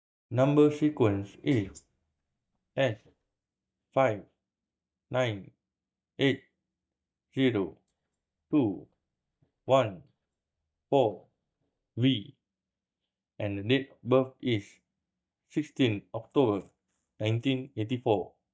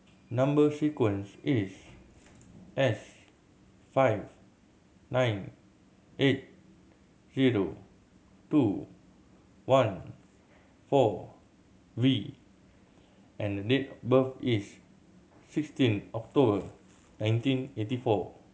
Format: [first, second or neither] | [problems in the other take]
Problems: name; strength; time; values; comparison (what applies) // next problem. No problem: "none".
second | noise reduction (neural mask model DeepFilterNet 3)